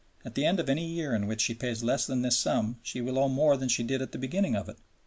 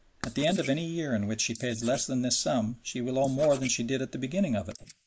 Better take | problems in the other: first | noise reduction (neural mask model Resemble Enhance denoiser)

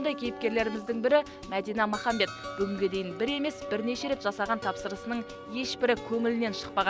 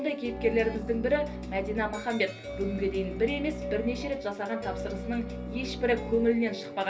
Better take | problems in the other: first | background sound (Bowed string instrument); 10 dB below the speech // room echo; dies away in 0.3 s

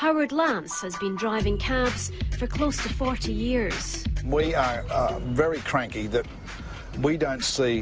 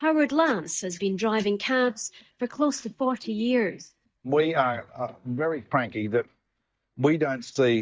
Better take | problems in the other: first | noise reduction (neural mask model DeepFilterNet 3)

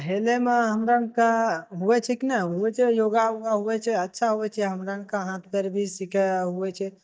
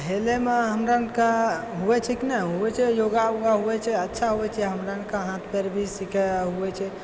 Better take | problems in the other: second | noise reduction (neural mask model DeepFilterNet 3)

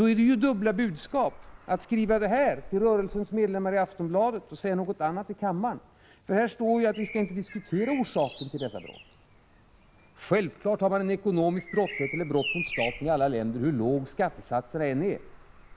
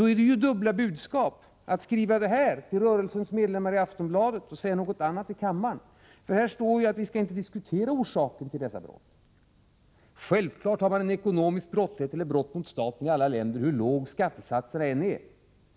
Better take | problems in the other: second | background sound (Bird vocalization, bird call, bird song); 16 dB below the speech

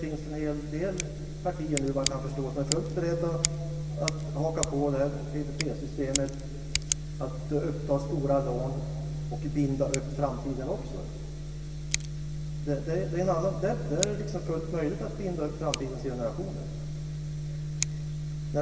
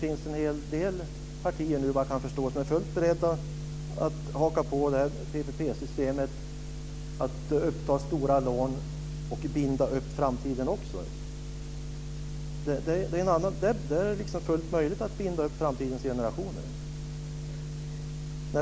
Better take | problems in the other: second | background sound (Scissors); 10 dB below the speech // room echo; dies away in 1.9 s

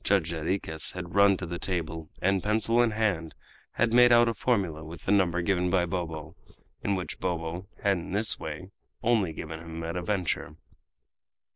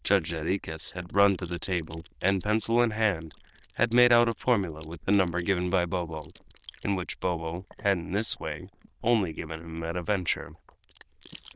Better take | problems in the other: first | noise reduction (neural diffusion model UNIVERSE++)

